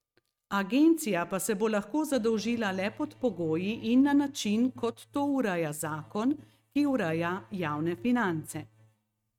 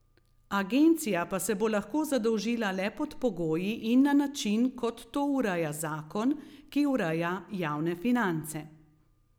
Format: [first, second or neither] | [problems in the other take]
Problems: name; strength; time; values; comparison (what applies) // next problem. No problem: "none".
second | noise reduction (neural mask model RNNoise)